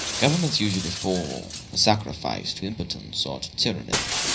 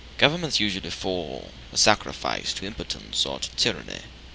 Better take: second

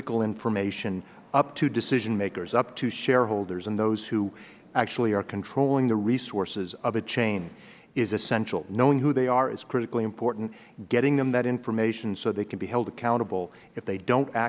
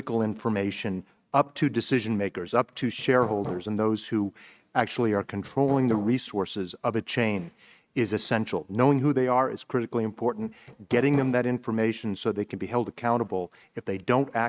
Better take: first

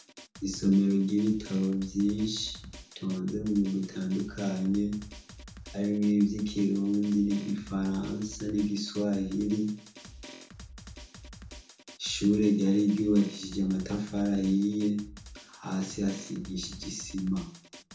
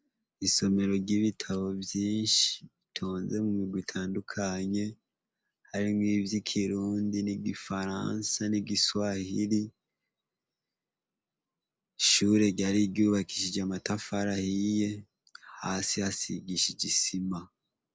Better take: second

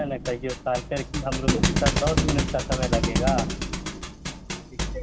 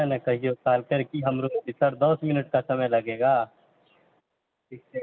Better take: second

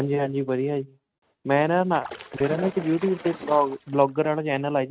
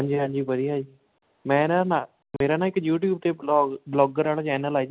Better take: second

